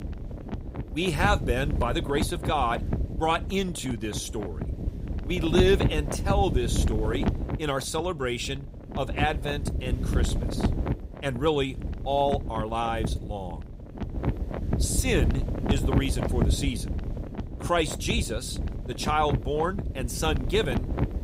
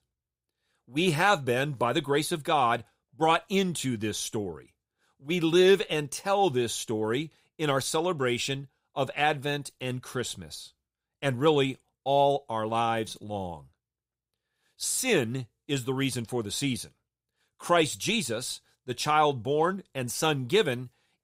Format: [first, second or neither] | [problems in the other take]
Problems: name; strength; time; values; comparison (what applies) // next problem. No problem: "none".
second | wind noise on the microphone; heavy; 9 dB below the speech